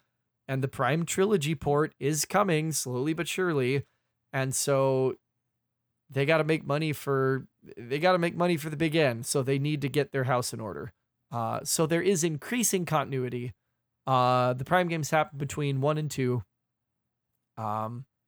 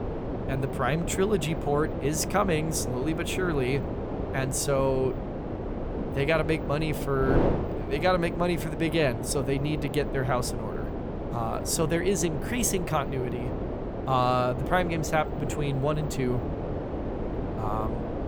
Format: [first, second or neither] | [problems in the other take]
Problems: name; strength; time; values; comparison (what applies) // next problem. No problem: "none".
first | wind noise on the microphone; heavy; 7 dB below the speech